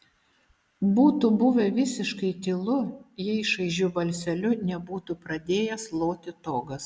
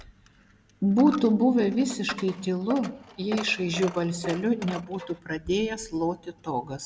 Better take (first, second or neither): first